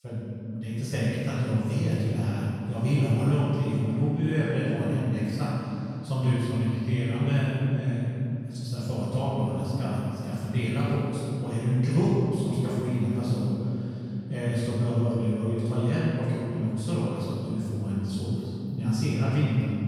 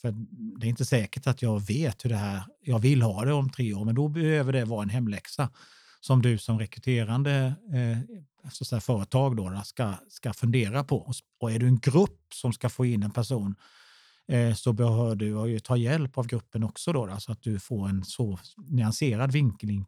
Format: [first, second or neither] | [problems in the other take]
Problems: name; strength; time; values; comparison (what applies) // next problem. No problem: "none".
second | off-mic speech; far // room echo; strong; dies away in 3 s